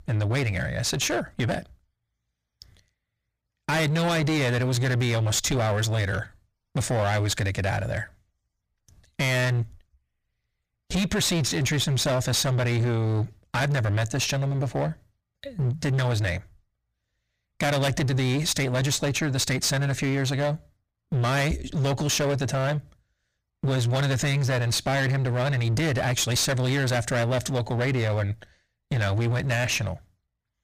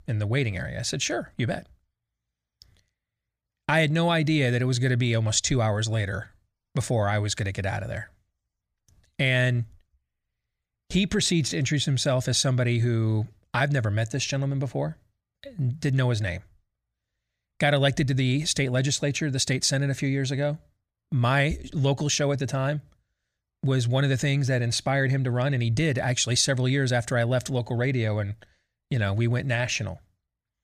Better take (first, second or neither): second